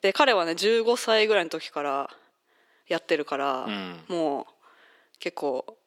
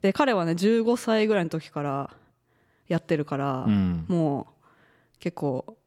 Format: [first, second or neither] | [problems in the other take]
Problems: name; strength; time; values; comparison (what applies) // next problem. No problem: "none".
second | thin; somewhat; fading below 350 Hz